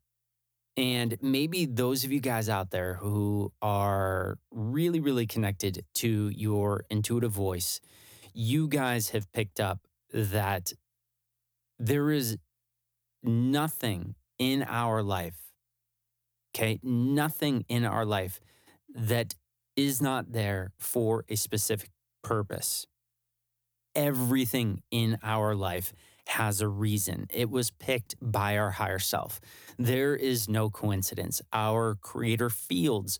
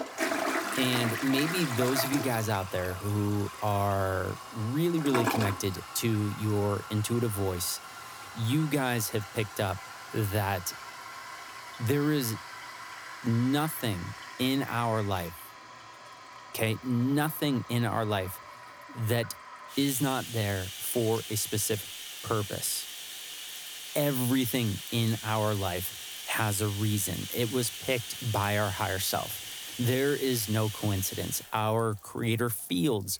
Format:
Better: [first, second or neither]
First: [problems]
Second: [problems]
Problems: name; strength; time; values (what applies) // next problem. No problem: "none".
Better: first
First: none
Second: household noises; loud; throughout; 8 dB below the speech